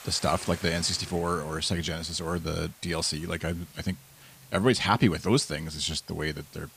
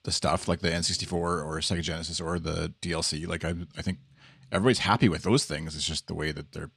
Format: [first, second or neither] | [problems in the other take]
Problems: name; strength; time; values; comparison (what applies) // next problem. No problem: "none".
second | hiss; noticeable; throughout; 20 dB below the speech